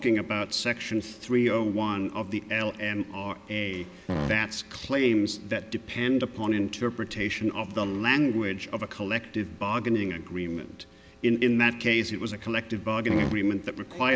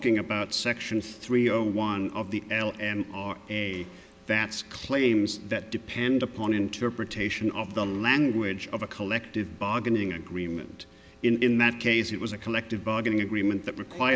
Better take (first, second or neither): second